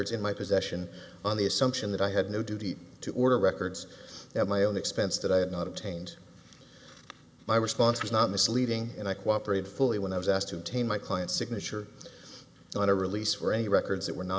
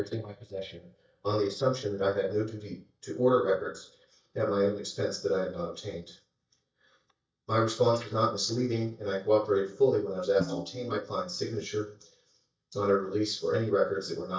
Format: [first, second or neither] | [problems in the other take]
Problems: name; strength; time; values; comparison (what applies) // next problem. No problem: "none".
first | noise reduction (neural mask model DeepFilterNet 3)